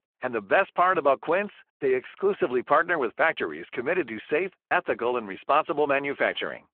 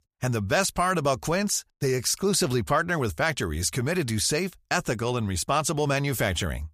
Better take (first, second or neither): second